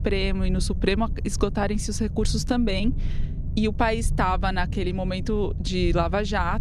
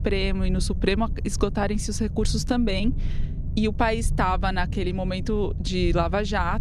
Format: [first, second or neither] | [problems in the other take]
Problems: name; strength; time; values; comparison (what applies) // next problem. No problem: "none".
neither | low rumble; noticeable; throughout; 20 dB below the speech; the same in both